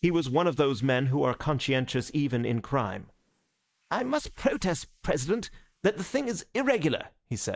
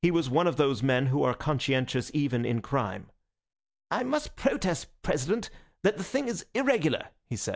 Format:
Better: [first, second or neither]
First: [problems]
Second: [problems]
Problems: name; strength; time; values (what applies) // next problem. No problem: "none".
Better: second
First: noise reduction (neural mask model Resemble Enhance denoiser)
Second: none